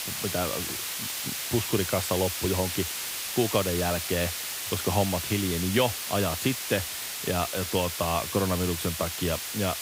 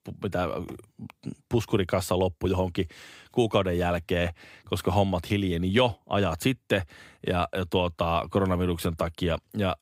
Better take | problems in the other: second | hiss; loud; throughout; 2 dB below the speech

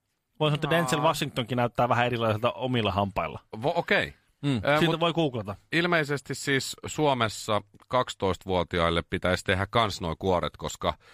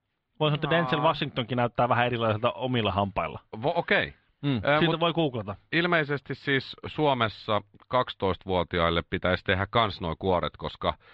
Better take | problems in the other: first | muffled; slightly; fading above 4 kHz

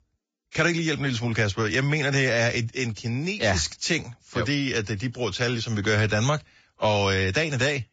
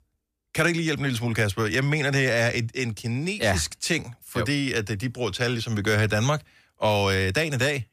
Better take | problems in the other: second | garbled, watery; badly; nothing above 7.5 kHz

